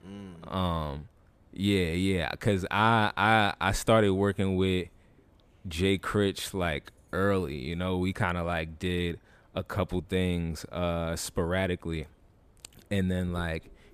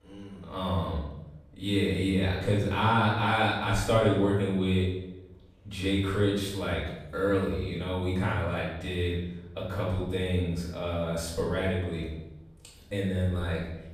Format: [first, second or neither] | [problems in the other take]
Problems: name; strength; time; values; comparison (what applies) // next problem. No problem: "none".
first | off-mic speech; far // room echo; noticeable; dies away in 0.8 s